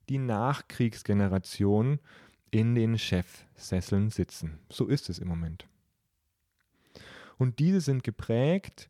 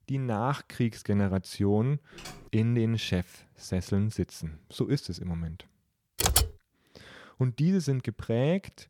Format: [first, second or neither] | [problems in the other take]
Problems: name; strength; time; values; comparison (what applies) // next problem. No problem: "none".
first | keyboard typing; faint; at 2 s; peak 15 dB below the speech // keyboard typing; loud; at 6 s; peak 5 dB above the speech